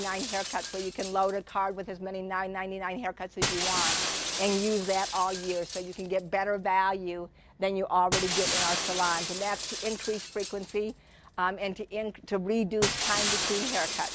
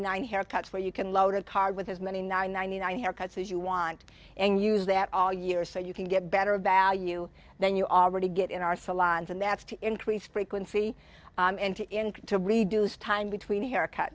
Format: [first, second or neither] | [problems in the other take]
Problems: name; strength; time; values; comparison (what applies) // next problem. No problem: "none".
second | background sound (Shatter); 4 dB below the speech